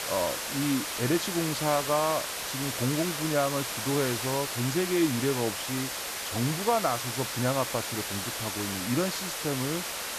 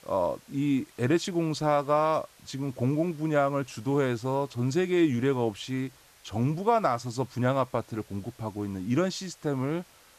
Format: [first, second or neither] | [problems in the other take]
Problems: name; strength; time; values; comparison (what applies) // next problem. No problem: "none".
second | hiss; loud; throughout; 2 dB below the speech; faint in the second